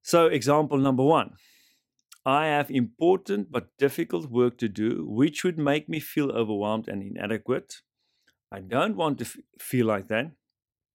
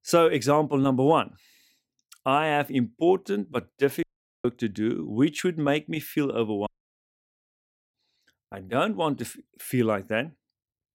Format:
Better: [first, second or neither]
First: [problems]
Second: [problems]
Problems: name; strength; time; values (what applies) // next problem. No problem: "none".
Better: first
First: none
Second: audio cutting out; at 4 s and at 6.5 s for 1.5 s